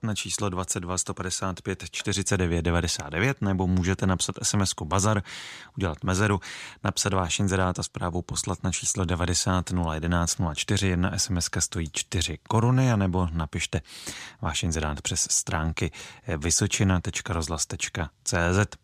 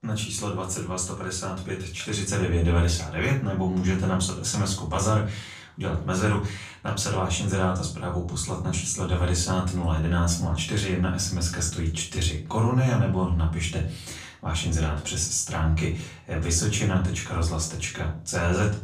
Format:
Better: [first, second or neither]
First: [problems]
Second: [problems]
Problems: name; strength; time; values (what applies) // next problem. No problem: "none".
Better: first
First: none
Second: room echo; slight; dies away in 0.4 s // off-mic speech; far